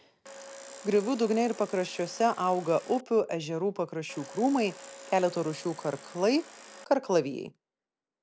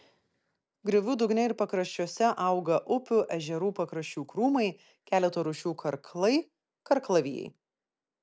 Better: second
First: background sound (Domestic sounds, home sounds); 17 dB below the speech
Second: none

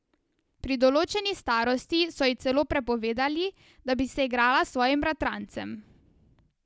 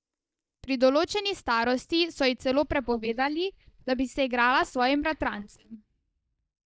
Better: first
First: none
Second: noise reduction (neural mask model DeepFilterNet 3)

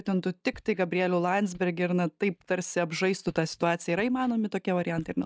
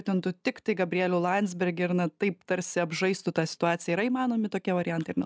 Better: second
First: noise reduction (neural mask model DeepFilterNet 3)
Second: none

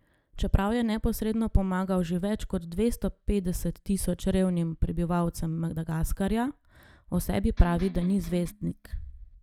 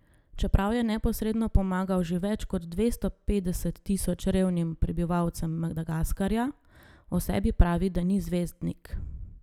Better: second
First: noise reduction (neural mask model DeepFilterNet 3)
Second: none

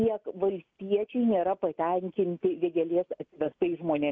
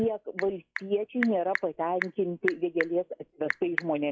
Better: first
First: none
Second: noise reduction (classical method log-MMSE)

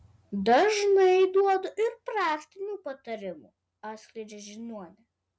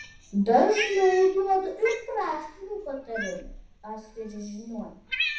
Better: first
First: none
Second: background sound (Cat); 10 dB below the speech // room echo; dies away in 0.7 s

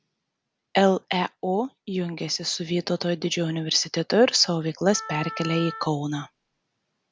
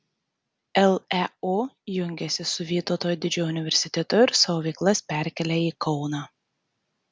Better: second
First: background sound (Wind instrument, woodwind instrument); 14 dB below the speech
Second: none

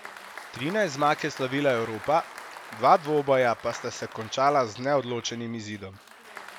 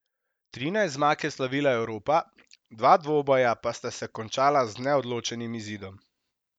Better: second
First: background sound (Applause); 16 dB below the speech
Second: none

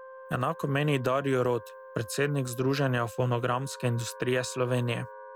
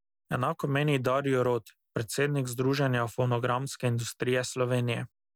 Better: second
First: background sound (Wind instrument, woodwind instrument); 17 dB below the speech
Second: none

